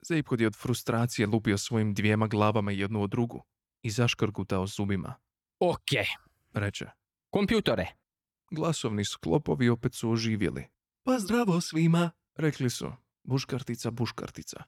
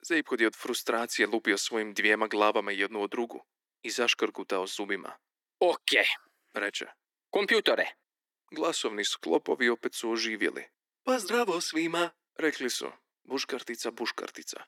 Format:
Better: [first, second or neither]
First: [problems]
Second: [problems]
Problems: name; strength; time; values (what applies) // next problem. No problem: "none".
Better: first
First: none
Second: thin; very; fading below 300 Hz